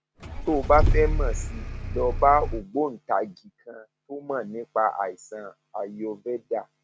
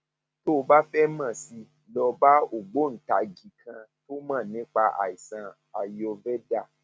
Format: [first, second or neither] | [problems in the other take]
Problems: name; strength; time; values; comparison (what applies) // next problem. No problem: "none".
second | background sound (Engine starting / Car); 2 dB above the speech